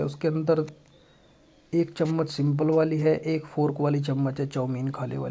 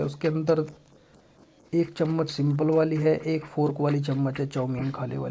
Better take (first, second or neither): first